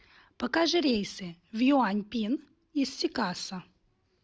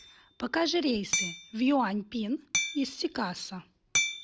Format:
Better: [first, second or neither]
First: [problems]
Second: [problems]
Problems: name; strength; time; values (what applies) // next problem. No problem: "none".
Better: first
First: none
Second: background sound (Hammer); 4 dB below the speech